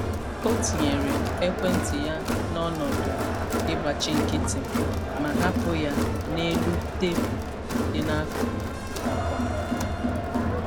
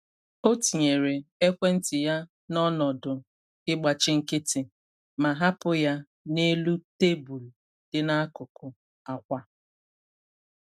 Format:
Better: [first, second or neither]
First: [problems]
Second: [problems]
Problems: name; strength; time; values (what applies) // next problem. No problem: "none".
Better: second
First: background sound (Crowd); 4 dB above the speech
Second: none